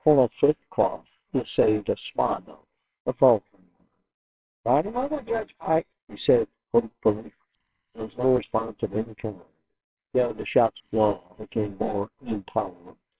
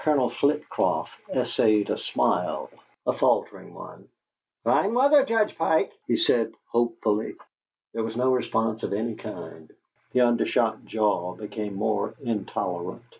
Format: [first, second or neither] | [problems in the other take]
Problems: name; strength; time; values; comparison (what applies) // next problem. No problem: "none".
second | noise reduction (neural separator model SepFormer WHAMR!)